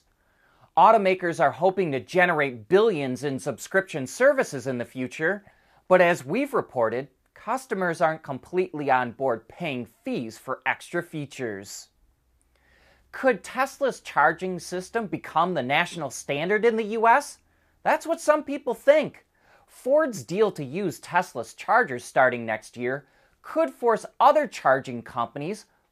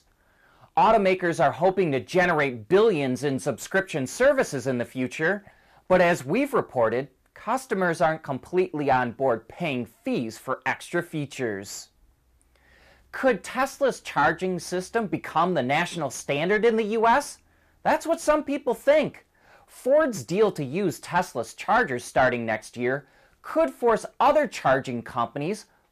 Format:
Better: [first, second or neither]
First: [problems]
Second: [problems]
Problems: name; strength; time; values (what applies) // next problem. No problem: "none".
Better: first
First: none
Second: distortion; slight; 10 dB below the speech